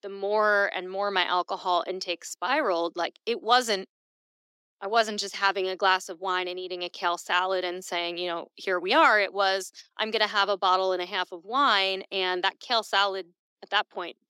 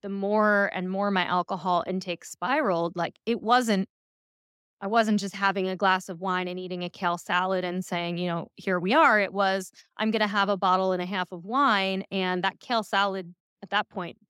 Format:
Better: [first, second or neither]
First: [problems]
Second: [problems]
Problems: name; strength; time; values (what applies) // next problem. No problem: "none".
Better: second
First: thin; somewhat; fading below 350 Hz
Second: none